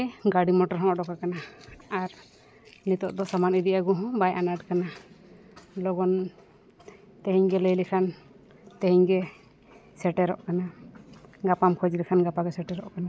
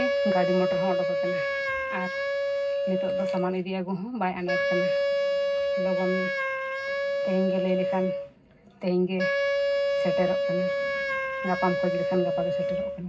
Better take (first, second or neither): first